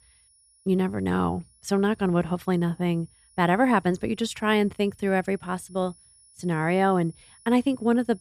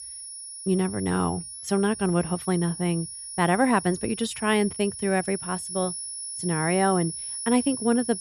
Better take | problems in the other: first | high-pitched whine; loud; throughout; 10.5 kHz, 8 dB below the speech; faint in the first

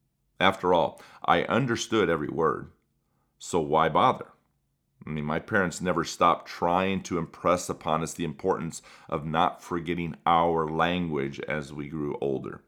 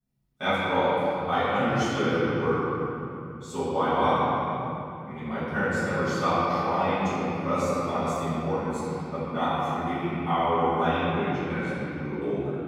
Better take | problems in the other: first | room echo; strong; dies away in 3 s // off-mic speech; far

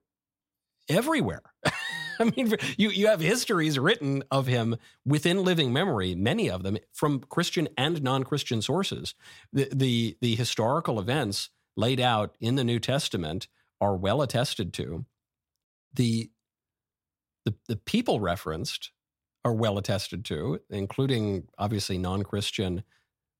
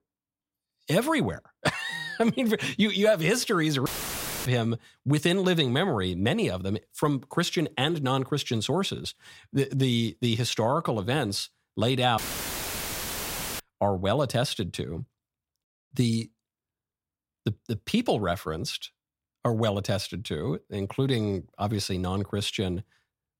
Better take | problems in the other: first | audio cutting out; filled with static; at 4 s for 0.5 s and at 12 s for 1.5 s

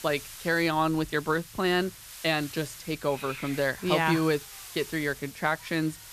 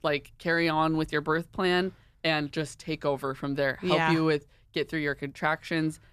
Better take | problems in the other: second | hiss; noticeable; throughout; 15 dB below the speech

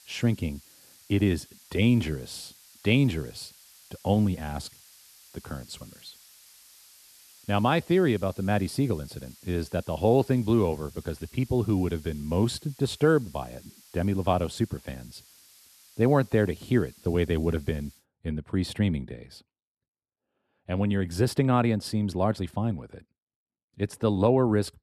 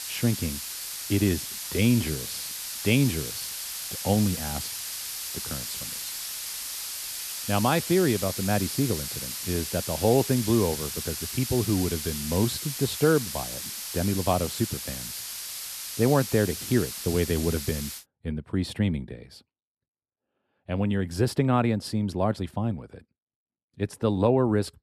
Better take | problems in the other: first | hiss; loud; until 18 s; 6 dB below the speech; faint in the first

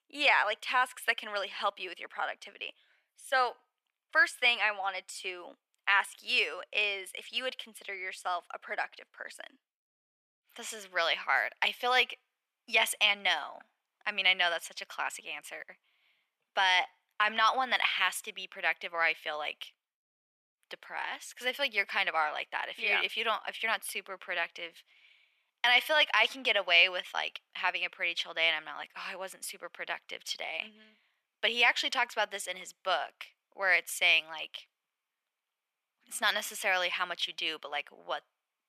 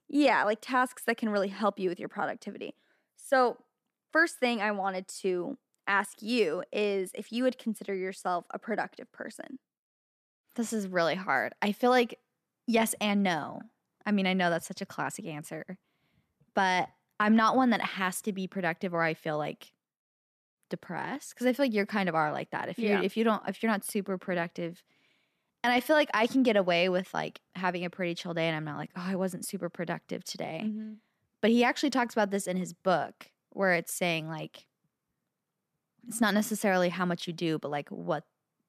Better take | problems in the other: second | thin; very; fading below 850 Hz

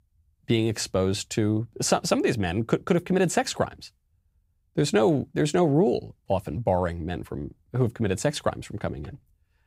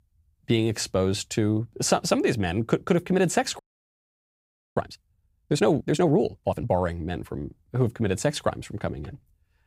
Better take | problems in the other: first | audio freezing; at 3.5 s for 1 s

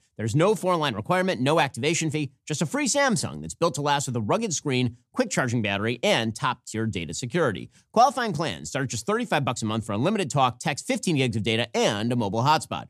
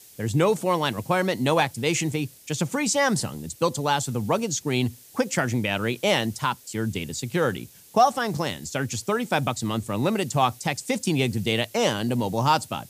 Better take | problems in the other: first | hiss; faint; throughout; 20 dB below the speech

